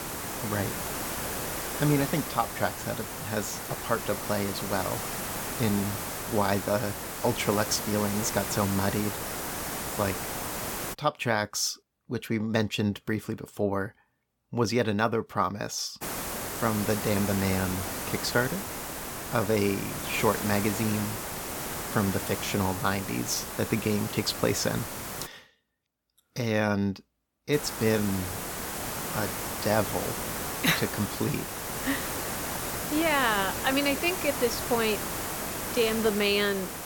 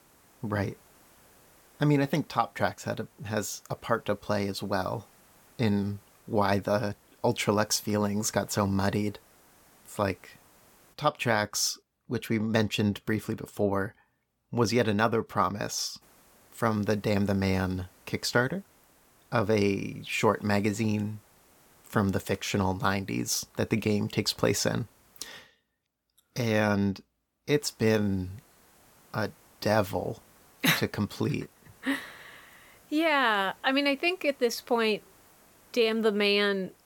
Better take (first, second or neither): second